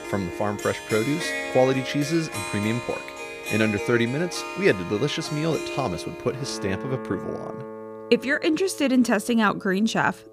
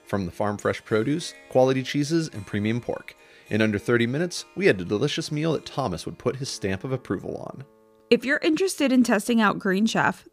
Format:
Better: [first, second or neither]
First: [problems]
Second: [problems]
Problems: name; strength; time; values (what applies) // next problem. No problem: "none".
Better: second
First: background music; loud; throughout; 8 dB below the speech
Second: background music; faint; throughout; 30 dB below the speech